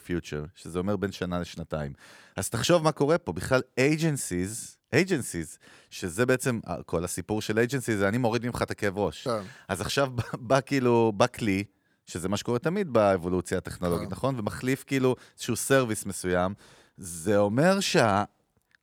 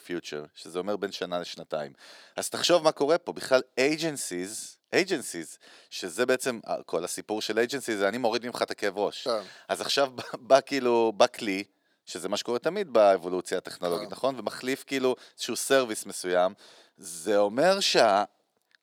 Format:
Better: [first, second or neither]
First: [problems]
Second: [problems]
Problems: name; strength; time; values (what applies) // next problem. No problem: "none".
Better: first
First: none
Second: thin; somewhat; fading below 350 Hz